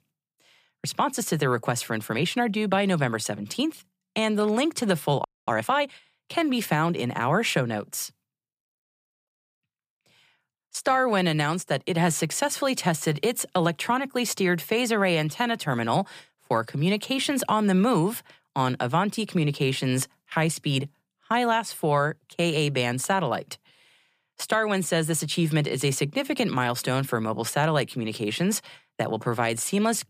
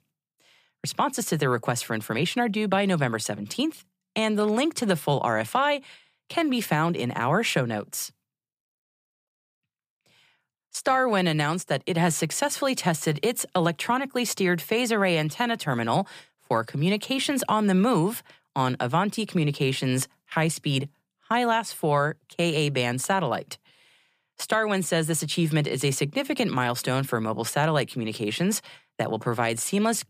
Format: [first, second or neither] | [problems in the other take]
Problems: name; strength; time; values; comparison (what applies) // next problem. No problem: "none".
second | audio freezing; at 5 s